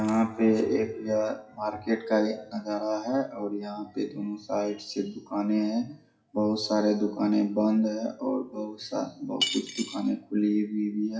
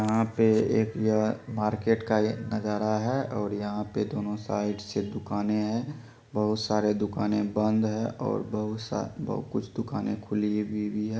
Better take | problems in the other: second | noise reduction (classical method WPE with log-MMSE)

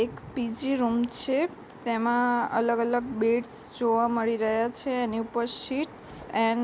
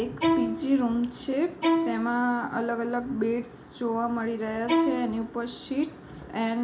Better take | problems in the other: first | background sound (Bowed string instrument); 1 dB below the speech // room echo; dies away in 0.4 s

